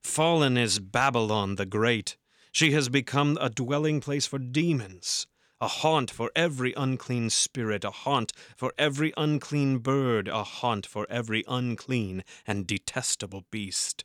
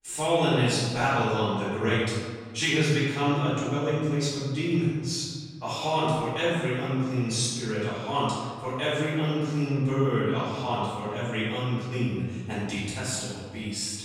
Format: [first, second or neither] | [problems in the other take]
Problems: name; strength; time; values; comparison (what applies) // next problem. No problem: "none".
first | off-mic speech; far // room echo; strong; dies away in 1.7 s